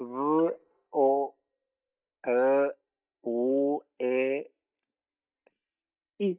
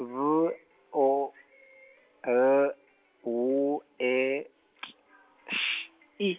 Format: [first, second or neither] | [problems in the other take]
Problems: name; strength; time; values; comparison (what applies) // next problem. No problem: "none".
second | noise reduction (neural mask model DeepFilterNet 3)